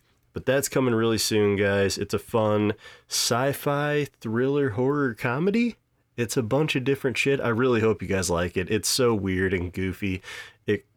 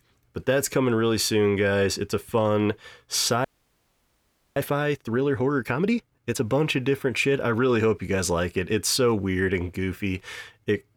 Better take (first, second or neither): first